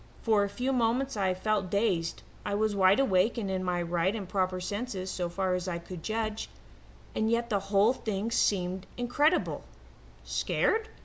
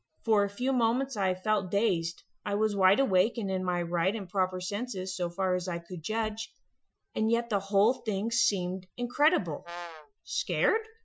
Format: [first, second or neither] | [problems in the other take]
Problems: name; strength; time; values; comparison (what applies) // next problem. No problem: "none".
first | noise reduction (classical method Wiener filter)